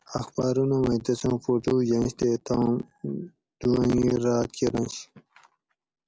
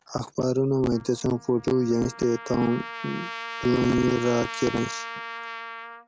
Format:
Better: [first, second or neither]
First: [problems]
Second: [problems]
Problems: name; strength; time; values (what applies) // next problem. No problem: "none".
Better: first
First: none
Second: background sound (Trumpet); 12 dB below the speech